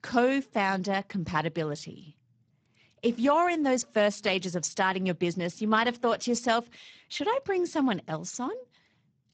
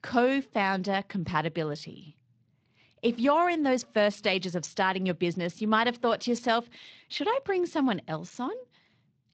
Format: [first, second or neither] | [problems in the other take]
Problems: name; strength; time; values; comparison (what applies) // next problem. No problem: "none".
second | garbled, watery; badly; nothing above 7.5 kHz; slightly in the second